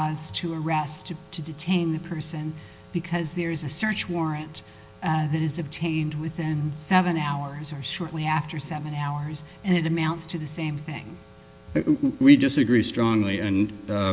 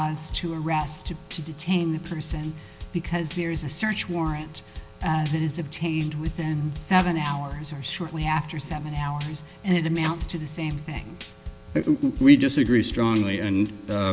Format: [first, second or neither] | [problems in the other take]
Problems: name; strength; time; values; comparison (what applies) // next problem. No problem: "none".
first | background sound (Clapping + Drum / Drum kit); 14 dB below the speech